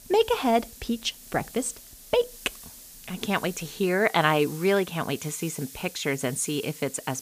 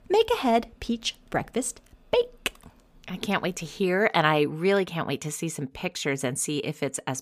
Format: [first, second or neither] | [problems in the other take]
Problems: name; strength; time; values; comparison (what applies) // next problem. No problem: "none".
second | hiss; noticeable; throughout; 15 dB below the speech